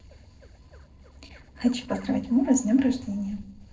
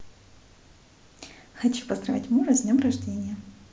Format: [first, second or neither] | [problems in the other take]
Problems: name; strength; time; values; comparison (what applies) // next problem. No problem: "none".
second | noise reduction (neural separator model SepFormer DNS4)